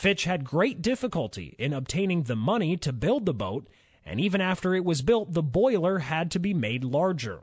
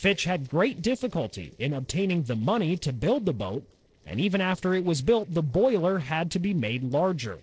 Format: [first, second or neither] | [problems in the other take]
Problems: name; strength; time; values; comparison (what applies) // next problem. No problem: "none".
first | noise reduction (neural separator model SepFormer DNS4)